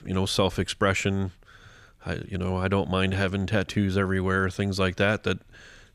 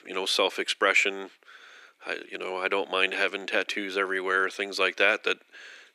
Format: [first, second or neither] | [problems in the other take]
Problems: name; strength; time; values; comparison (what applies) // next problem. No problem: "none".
first | thin; very; fading below 300 Hz